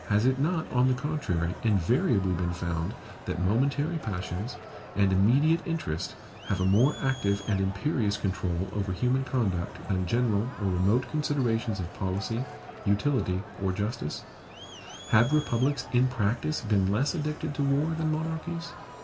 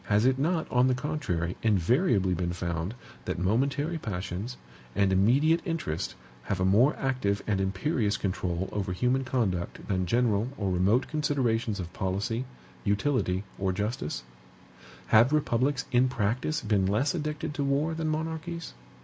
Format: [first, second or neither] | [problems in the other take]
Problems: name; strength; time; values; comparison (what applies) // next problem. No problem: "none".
second | background sound (Crowd); 17 dB below the speech // room echo; dies away in 1.8 s